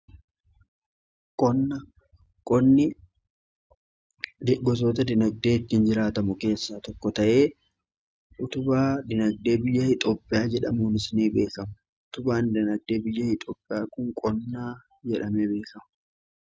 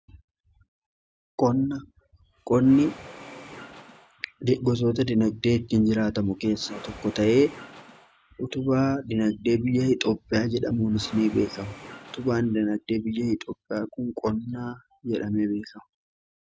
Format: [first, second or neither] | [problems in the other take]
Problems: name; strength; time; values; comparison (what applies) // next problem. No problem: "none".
first | background sound (Engine / Mechanisms + Bowed string instrument); 20 dB below the speech